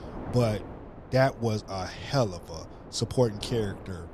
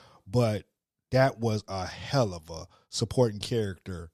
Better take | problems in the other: second | wind noise on the microphone; occasional gusts; 15 dB below the speech

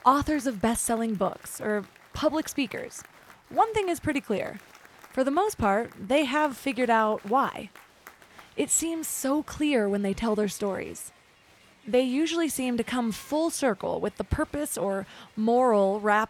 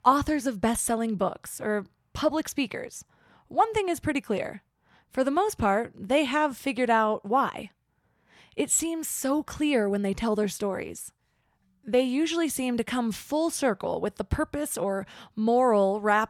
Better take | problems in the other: second | crowd noise; faint; throughout; 25 dB below the speech

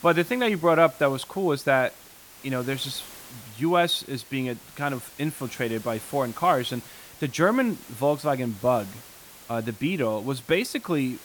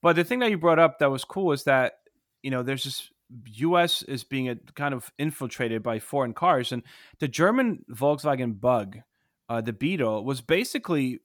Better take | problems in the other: second | hiss; noticeable; throughout; 20 dB below the speech

